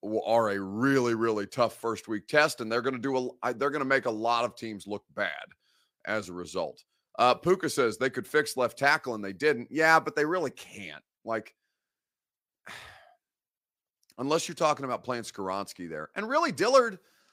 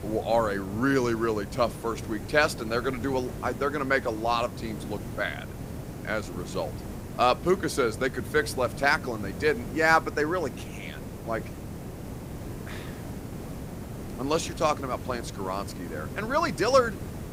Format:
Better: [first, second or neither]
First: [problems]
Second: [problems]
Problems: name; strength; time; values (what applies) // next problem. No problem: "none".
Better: first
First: none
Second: hiss; noticeable; throughout; 10 dB below the speech